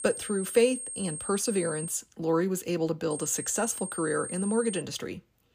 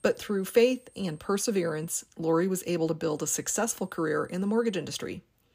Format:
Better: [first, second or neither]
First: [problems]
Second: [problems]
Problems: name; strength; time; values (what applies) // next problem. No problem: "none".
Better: second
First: high-pitched whine; loud; until 2 s and from 3 to 5 s; 8.5 kHz, 7 dB below the speech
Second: high-pitched whine; faint; until 2 s and from 3 to 5 s; 8.5 kHz, 30 dB below the speech